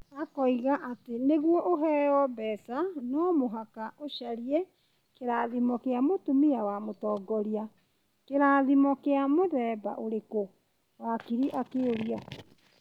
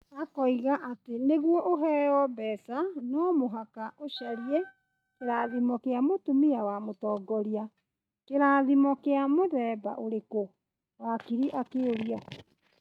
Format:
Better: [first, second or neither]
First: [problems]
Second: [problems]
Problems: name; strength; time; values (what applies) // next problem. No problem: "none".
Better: first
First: none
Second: noise reduction (neural mask model RNNoise)